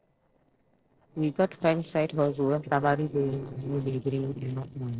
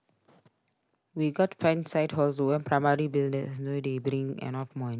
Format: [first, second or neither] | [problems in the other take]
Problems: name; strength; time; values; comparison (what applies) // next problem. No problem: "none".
second | noise reduction (neural separator model SepFormer DNS4)